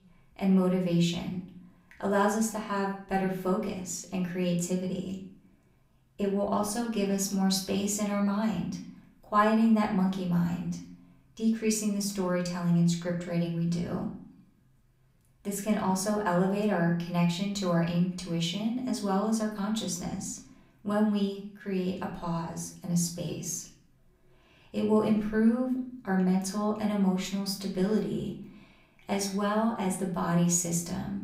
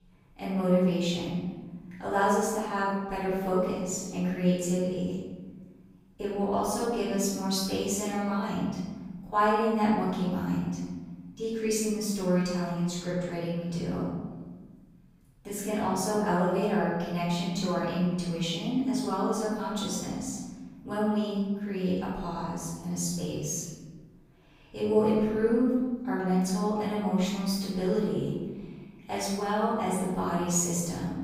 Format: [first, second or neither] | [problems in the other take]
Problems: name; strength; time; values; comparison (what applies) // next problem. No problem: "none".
first | room echo; strong; dies away in 1.3 s; slight in the first // off-mic speech; far; far in the first